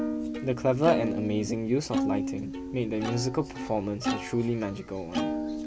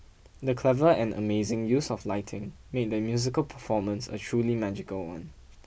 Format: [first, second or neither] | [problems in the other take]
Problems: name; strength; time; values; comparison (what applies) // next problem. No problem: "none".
second | background sound (Plucked string instrument); 3 dB below the speech